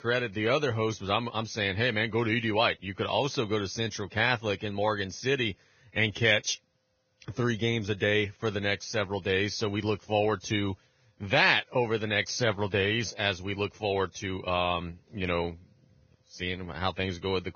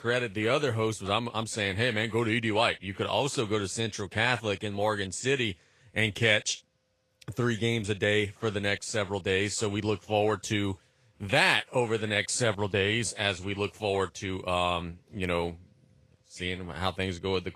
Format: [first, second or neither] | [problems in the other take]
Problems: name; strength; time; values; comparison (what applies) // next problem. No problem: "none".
second | garbled, watery; badly; nothing above 6.5 kHz; slightly in the second